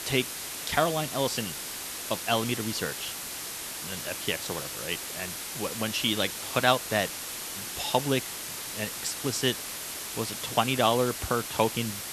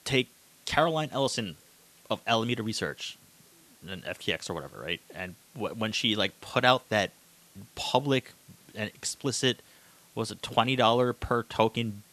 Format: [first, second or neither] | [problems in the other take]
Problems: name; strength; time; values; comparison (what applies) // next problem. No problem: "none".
second | hiss; loud; throughout; 5 dB below the speech; faint in the second